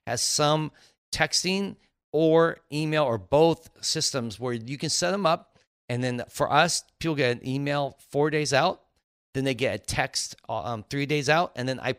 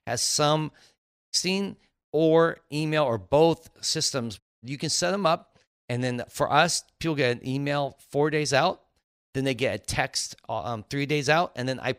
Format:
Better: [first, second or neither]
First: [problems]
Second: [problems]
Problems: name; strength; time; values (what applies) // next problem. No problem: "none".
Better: first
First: none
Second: audio cutting out; at 1 s and at 4.5 s